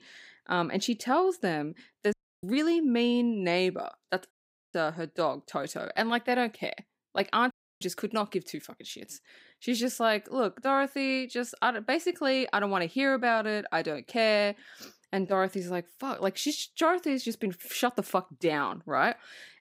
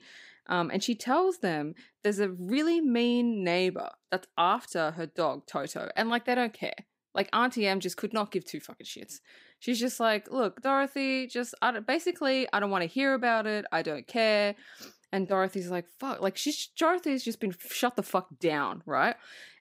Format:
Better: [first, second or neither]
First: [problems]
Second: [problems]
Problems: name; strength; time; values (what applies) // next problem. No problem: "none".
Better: second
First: audio cutting out; at 2 s, at 4.5 s and at 7.5 s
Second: none